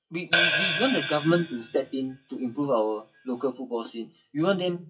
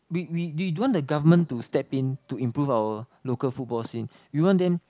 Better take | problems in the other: second | noise reduction (classical method WPE with log-MMSE)

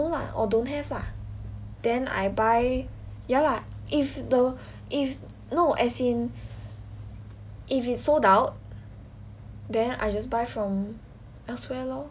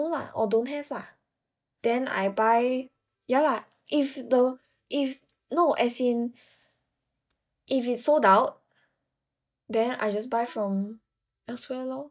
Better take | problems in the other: first | noise reduction (neural mask model DeepFilterNet 3)

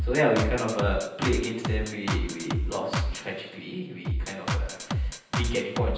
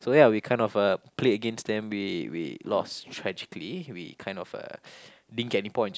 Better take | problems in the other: second | background sound (Drum kit); as loud as the speech // room echo; dies away in 0.9 s

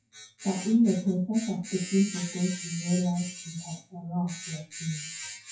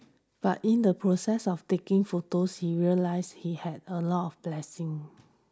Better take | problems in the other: second | noise reduction (classical method WPE with log-MMSE)

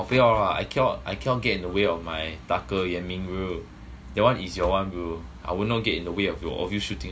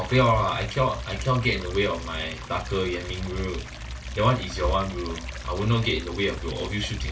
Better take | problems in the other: first | background sound (Stream); 17 dB below the speech // room echo; dies away in 0.2 s

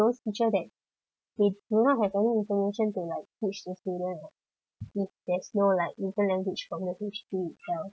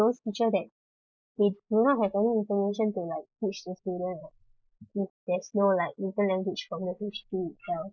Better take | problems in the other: first | noise reduction (neural mask model Resemble Enhance denoiser)

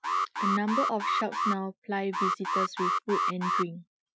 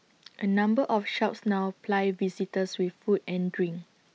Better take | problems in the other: second | noise reduction (classical method Wiener filter)

